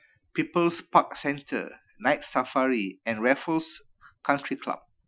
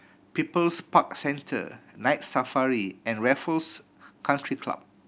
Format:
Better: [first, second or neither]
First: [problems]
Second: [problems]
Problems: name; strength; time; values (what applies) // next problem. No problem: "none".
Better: second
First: noise reduction (classical method Wiener filter)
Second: none